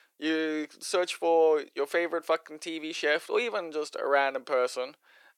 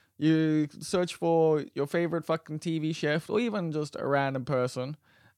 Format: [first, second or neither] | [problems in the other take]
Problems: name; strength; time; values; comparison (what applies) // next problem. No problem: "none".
second | thin; very; fading below 400 Hz